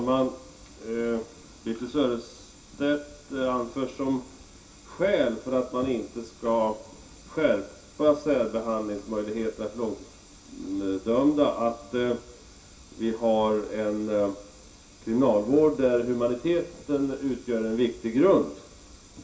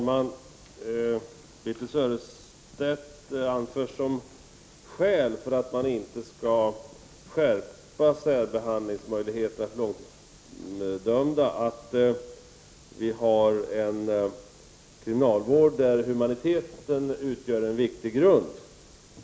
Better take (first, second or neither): second